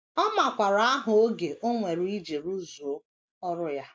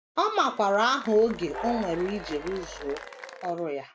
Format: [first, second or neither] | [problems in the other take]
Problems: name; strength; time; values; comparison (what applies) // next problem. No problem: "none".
first | background sound (Applause / Cheering + Train); 13 dB below the speech